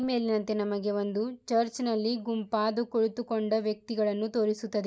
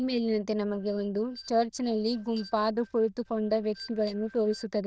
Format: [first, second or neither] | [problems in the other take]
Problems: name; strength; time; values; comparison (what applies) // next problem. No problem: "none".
first | noise reduction (neural diffusion model UNIVERSE++)